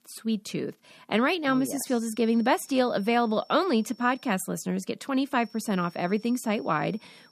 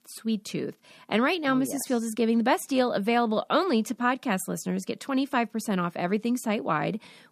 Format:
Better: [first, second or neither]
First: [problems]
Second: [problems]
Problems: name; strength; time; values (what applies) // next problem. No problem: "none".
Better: second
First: high-pitched whine; faint; from 1.5 to 4.5 s and from 5.5 s on; 5.5 kHz, 25 dB below the speech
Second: none